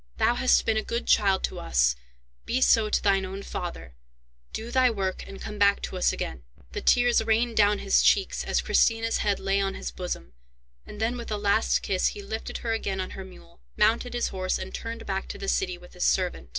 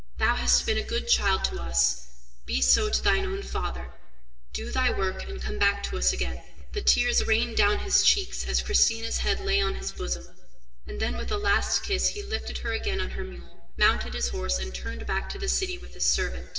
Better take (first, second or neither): first